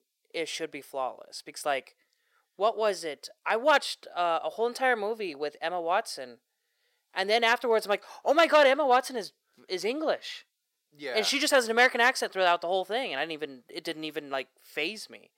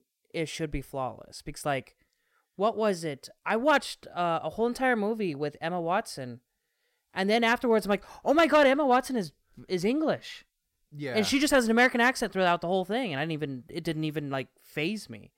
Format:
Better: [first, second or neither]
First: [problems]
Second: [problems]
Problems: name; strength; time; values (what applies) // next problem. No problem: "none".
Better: second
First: thin; somewhat; fading below 500 Hz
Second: none